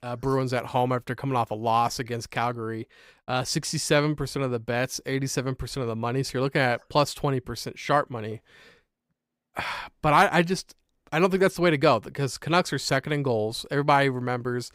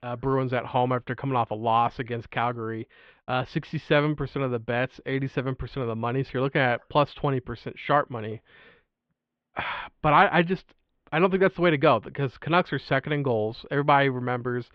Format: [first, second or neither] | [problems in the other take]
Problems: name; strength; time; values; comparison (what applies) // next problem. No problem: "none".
first | muffled; very; fading above 3.5 kHz